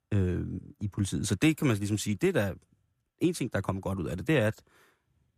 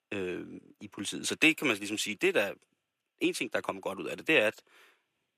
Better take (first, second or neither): first